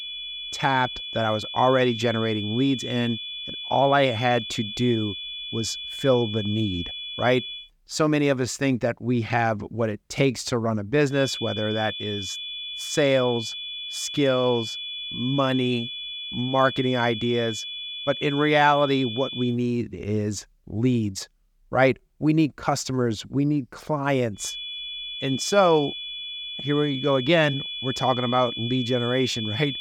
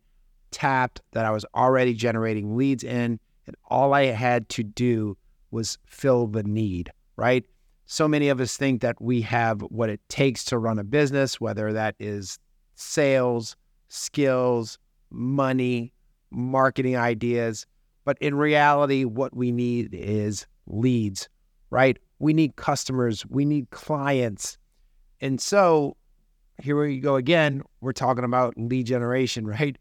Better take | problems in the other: second | high-pitched whine; loud; until 7.5 s, from 11 to 19 s and from 24 s on; 3.5 kHz, 7 dB below the speech

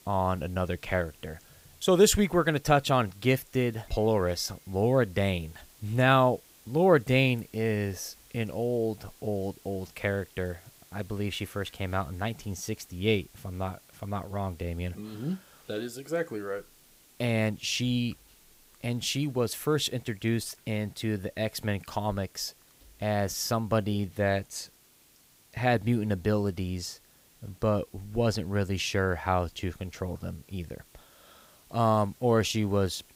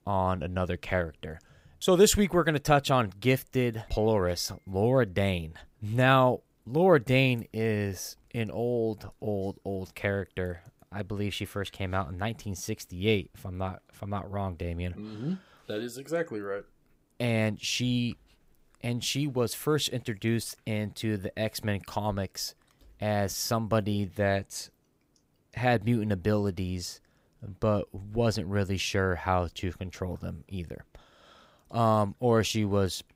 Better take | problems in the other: second | hiss; faint; throughout; 25 dB below the speech

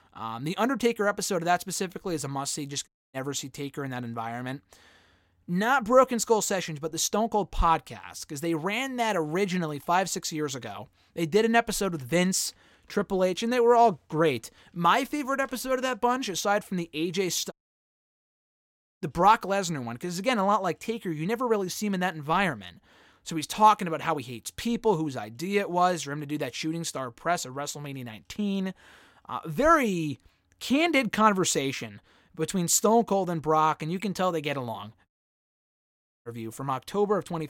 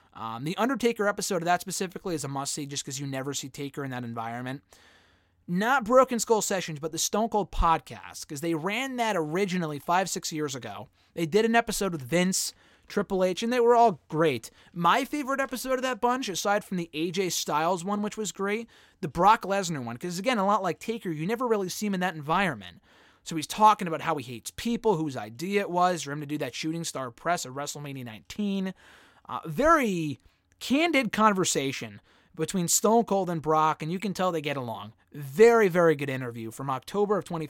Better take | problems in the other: second | audio cutting out; at 3 s, at 18 s for 1.5 s and at 35 s for 1 s

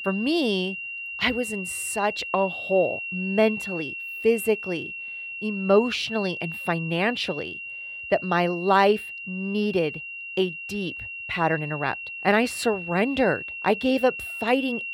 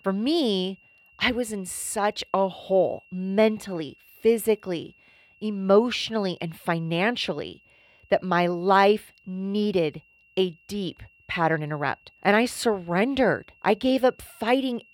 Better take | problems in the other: second | high-pitched whine; loud; throughout; 2.5 kHz, 7 dB below the speech; faint in the second

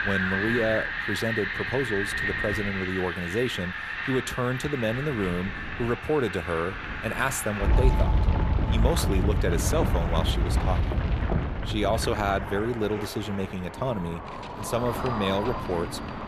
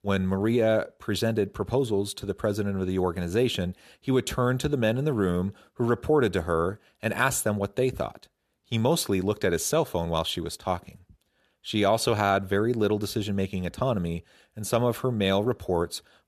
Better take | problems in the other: second | wind in the background; very loud; throughout; as loud as the speech

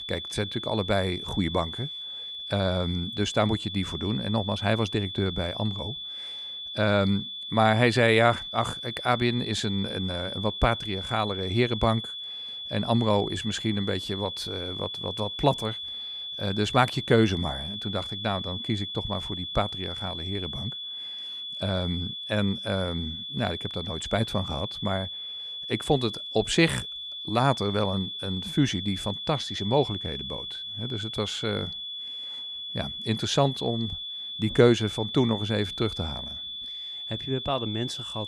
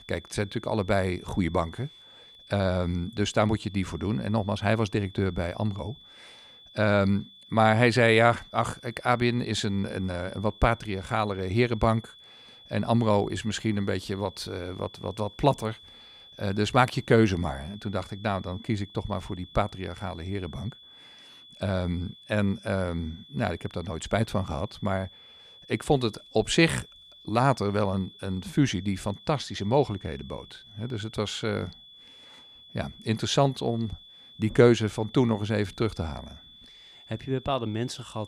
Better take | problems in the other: second | high-pitched whine; loud; throughout; 3.5 kHz, 6 dB below the speech; faint in the second

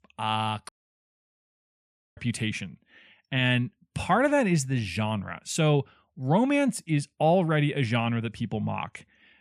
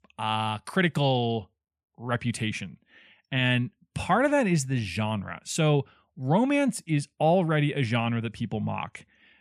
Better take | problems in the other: second | audio cutting out; at 0.5 s for 1.5 s

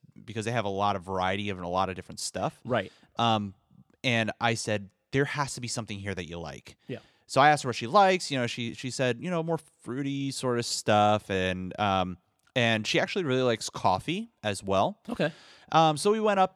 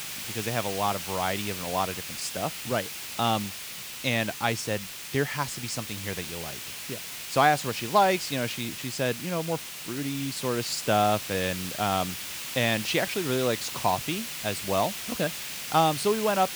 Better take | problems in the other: first | hiss; loud; throughout; 6 dB below the speech

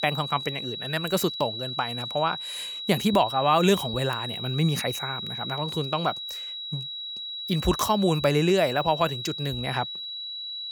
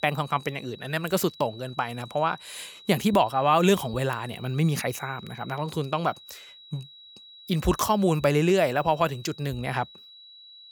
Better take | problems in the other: second | high-pitched whine; loud; throughout; 4 kHz, 6 dB below the speech; faint in the second

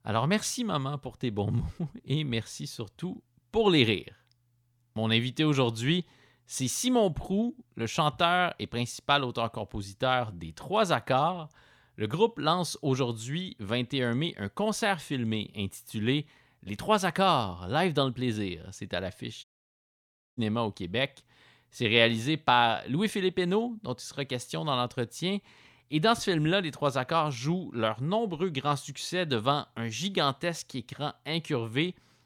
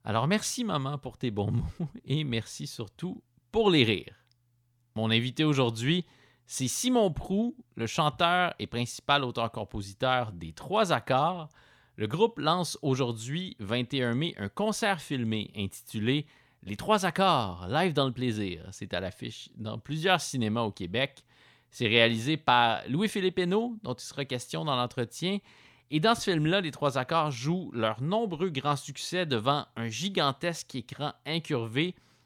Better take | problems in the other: second | audio cutting out; at 19 s for 1 s

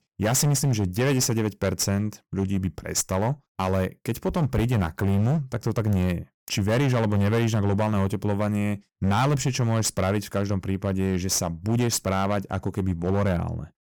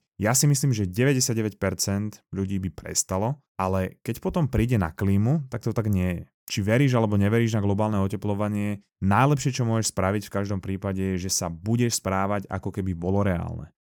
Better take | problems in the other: second | distortion; slight; 17% of the sound clipped

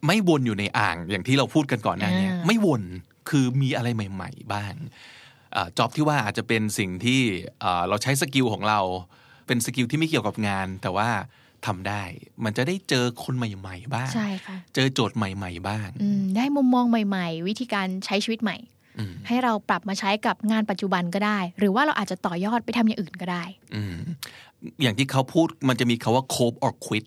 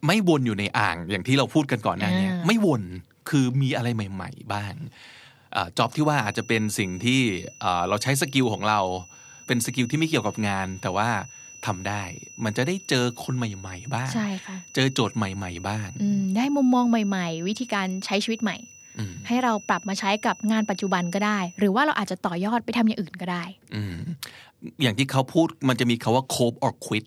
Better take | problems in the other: first | high-pitched whine; noticeable; from 6 to 22 s; 6 kHz, 20 dB below the speech

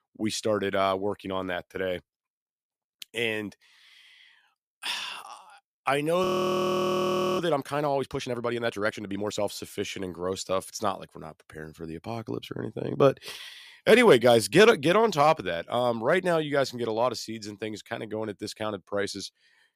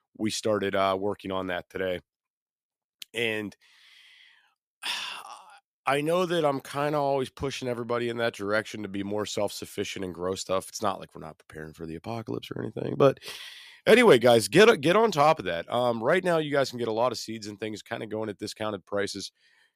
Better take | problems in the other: second | audio freezing; at 6 s for 1 s

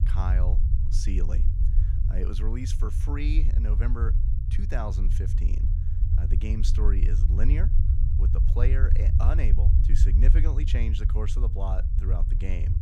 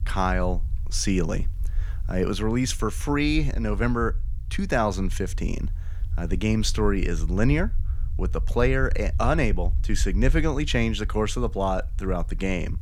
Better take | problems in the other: second | low rumble; loud; throughout; 4 dB below the speech; faint in the second

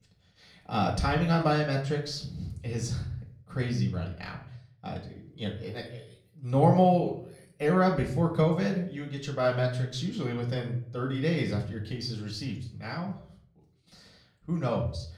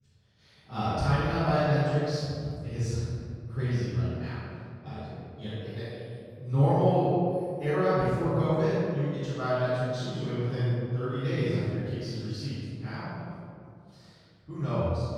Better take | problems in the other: first | room echo; strong; dies away in 2.1 s; slight in the first // off-mic speech; far; far in the first

